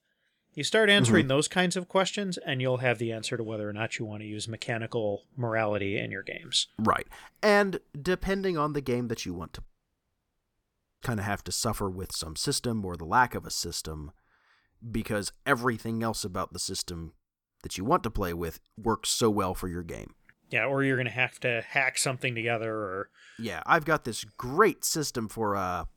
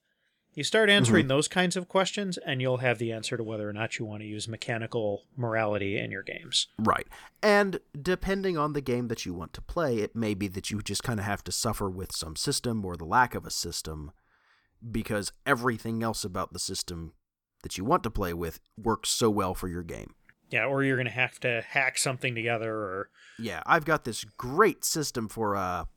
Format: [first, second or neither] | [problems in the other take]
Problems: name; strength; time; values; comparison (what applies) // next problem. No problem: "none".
second | audio cutting out; at 9.5 s for 1.5 s